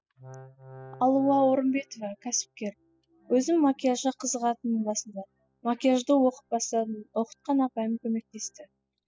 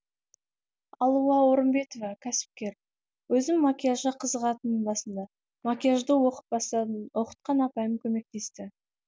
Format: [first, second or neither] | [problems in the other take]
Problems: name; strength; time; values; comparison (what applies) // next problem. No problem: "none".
second | noise reduction (classical method spectral subtraction)